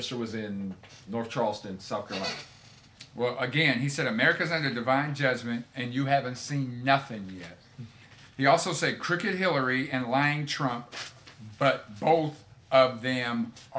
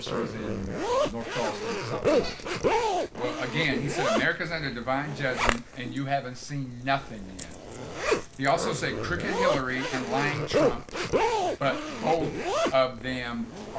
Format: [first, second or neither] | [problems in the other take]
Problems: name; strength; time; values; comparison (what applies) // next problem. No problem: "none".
first | background sound (Zipper (clothing)); 1 dB above the speech